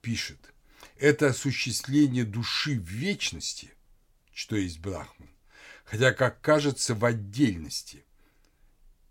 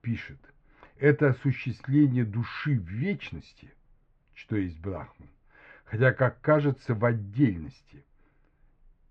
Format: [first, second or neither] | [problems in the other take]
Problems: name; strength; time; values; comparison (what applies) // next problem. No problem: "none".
first | muffled; very; fading above 2 kHz